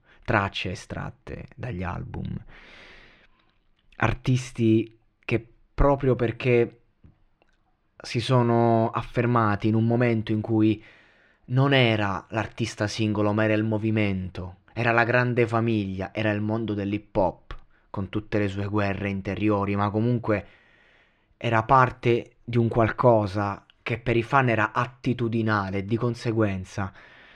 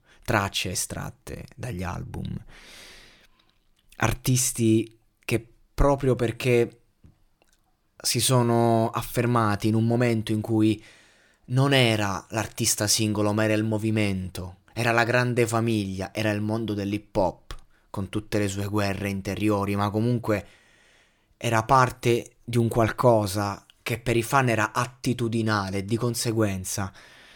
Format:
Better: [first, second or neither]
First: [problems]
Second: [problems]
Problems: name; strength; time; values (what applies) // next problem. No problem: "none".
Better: second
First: muffled; slightly; fading above 2.5 kHz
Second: none